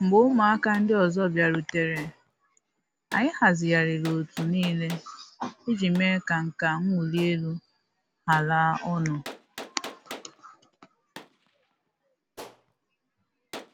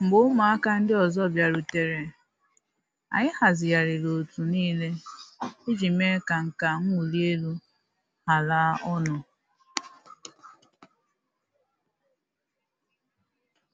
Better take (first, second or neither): second